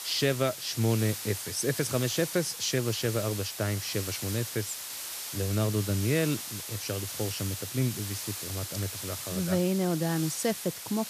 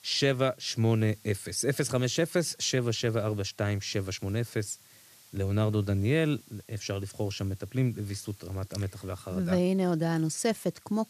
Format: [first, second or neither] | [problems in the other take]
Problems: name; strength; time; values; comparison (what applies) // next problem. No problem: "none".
second | hiss; loud; throughout; 5 dB below the speech; faint in the second